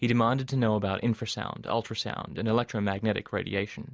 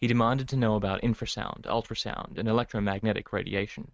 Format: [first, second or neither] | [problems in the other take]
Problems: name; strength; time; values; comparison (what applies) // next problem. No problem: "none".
first | noise reduction (neural mask model RNNoise)